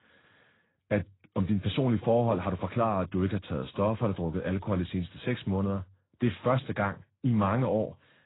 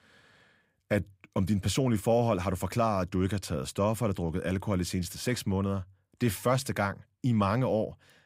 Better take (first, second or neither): second